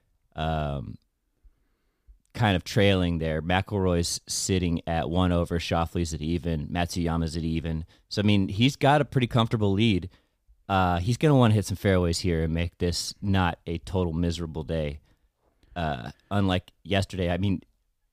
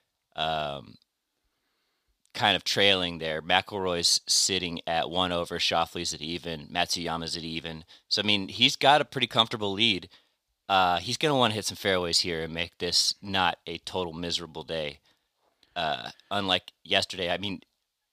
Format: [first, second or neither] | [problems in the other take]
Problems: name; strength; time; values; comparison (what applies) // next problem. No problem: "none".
first | thin; somewhat; fading below 650 Hz